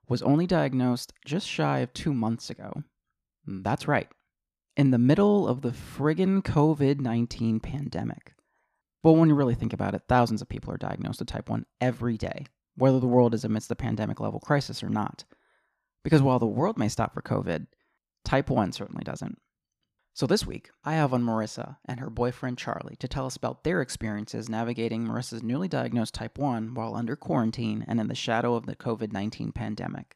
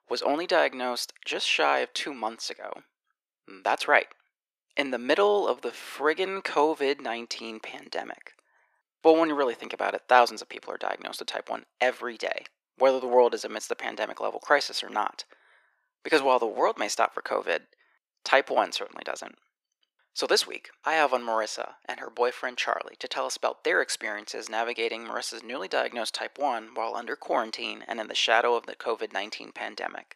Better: first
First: none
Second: thin; very; fading below 400 Hz

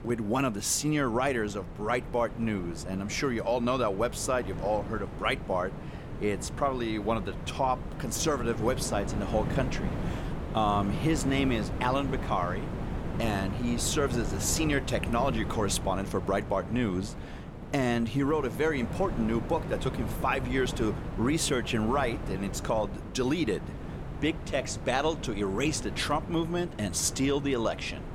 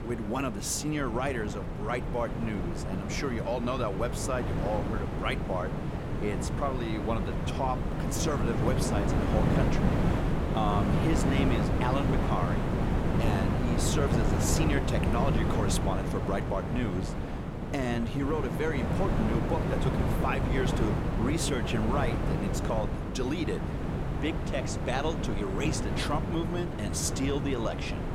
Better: first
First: wind noise on the microphone; occasional gusts; 10 dB below the speech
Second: wind noise on the microphone; heavy; 2 dB below the speech

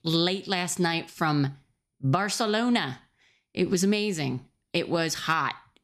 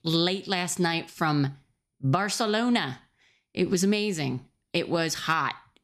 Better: neither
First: none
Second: none

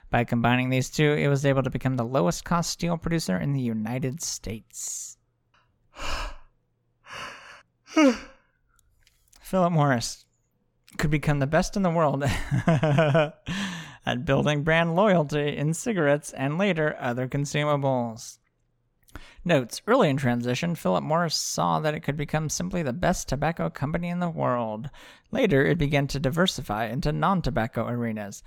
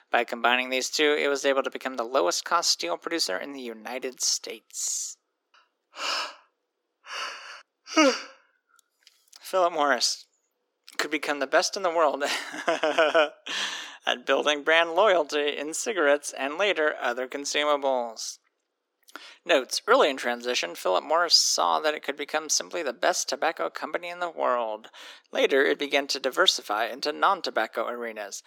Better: first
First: none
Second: thin; very; fading below 300 Hz

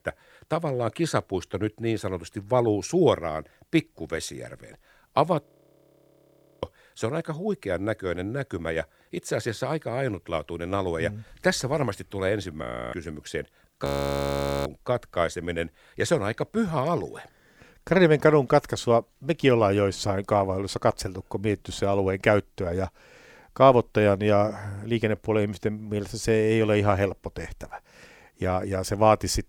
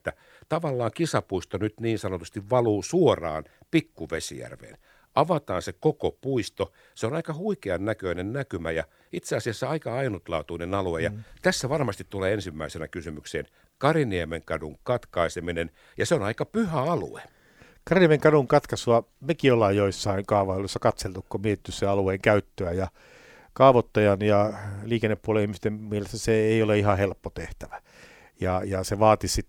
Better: second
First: audio freezing; at 5.5 s for 1 s, at 13 s and at 14 s for 1 s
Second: none

